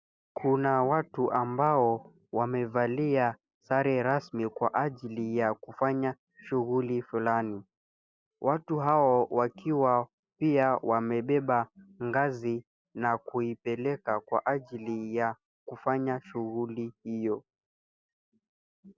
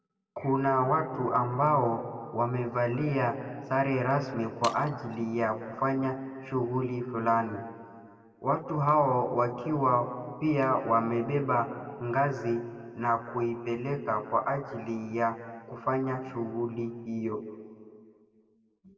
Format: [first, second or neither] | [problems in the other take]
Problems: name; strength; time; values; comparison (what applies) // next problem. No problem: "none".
first | background sound (Shatter); 20 dB below the speech // room echo; dies away in 2 s